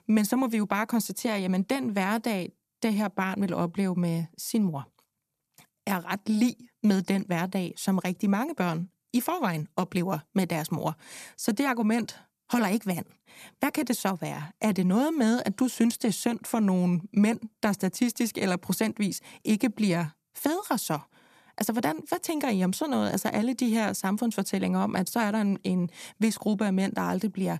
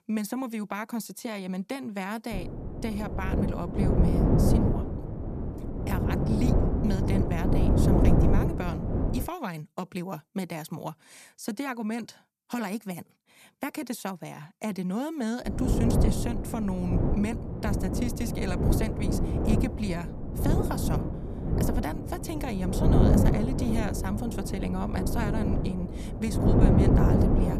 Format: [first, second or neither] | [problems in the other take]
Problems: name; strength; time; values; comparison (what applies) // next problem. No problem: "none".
first | wind noise on the microphone; heavy; from 2.5 to 9.5 s and from 15 s on; 3 dB above the speech